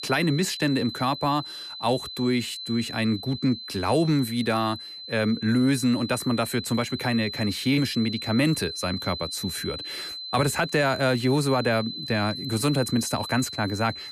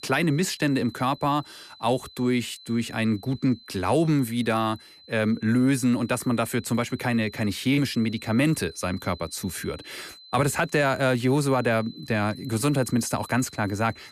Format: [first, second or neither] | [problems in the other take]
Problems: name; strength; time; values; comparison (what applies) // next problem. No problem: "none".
second | high-pitched whine; loud; throughout; 4 kHz, 9 dB below the speech; faint in the second